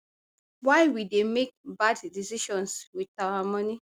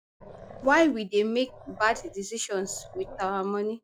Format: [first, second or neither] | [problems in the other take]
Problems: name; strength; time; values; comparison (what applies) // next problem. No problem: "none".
first | noise reduction (classical method log-MMSE)